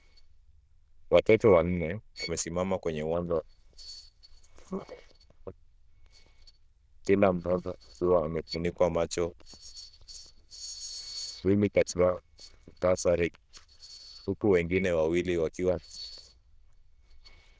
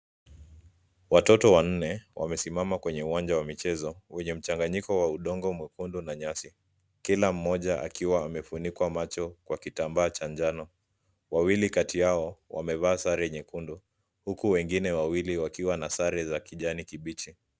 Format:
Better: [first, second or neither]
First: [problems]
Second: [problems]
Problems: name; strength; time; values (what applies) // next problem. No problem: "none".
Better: second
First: noise reduction (neural diffusion model UNIVERSE++)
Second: none